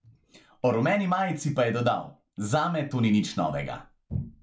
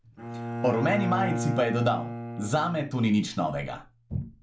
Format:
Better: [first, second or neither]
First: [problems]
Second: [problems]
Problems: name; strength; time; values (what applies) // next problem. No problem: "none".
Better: first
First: none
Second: background sound (Bowed string instrument); 6 dB below the speech